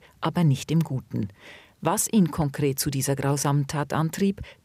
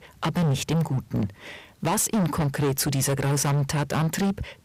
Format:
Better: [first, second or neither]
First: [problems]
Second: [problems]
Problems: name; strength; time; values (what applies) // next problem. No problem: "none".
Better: first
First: none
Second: distortion; heavy; 21% of the sound clipped